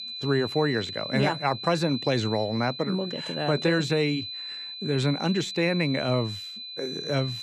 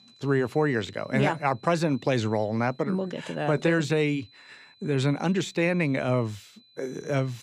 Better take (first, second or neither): second